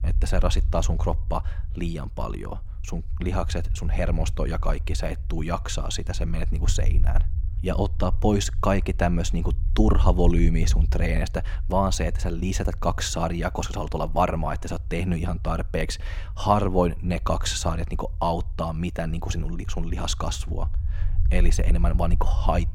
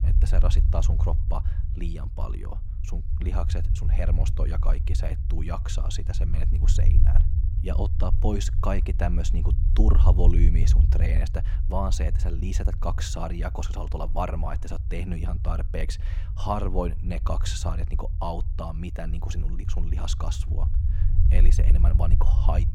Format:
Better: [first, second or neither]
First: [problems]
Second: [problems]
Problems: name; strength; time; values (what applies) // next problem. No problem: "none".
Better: first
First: low rumble; faint; throughout; 20 dB below the speech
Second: low rumble; loud; throughout; 9 dB below the speech